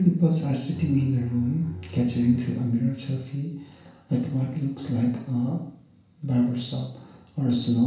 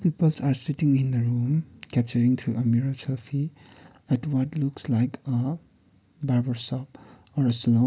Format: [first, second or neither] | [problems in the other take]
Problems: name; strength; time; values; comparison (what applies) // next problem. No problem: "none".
second | background sound (Bowed string instrument); 14 dB below the speech // room echo; dies away in 0.7 s